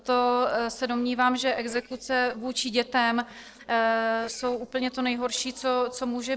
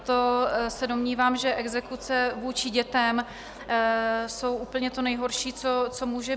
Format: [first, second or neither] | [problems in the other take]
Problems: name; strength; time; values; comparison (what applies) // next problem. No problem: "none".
second | noise reduction (neural separator model SepFormer DNS4)